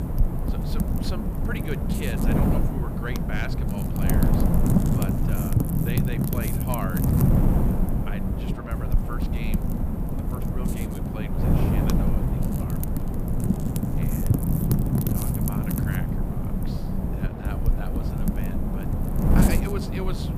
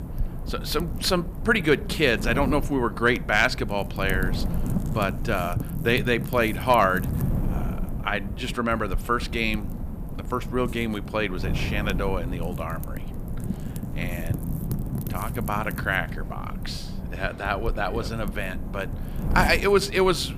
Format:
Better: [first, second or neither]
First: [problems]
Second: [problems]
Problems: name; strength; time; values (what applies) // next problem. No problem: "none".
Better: second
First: wind noise on the microphone; heavy; 5 dB above the speech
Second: wind noise on the microphone; occasional gusts; 15 dB below the speech